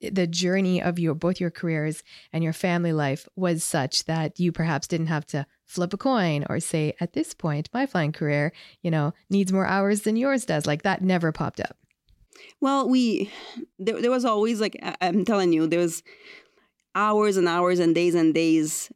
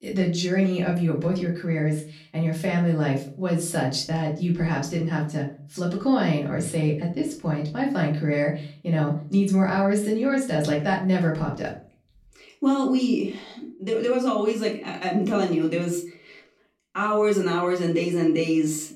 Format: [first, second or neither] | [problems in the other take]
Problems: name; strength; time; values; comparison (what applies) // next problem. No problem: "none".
first | off-mic speech; far // room echo; slight; dies away in 0.4 s